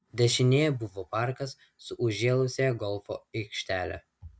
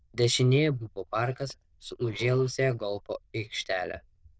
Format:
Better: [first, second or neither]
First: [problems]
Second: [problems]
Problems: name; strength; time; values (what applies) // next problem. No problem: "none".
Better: first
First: none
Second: noise reduction (neural diffusion model UNIVERSE++)